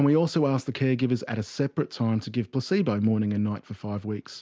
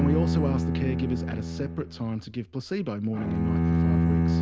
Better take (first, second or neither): first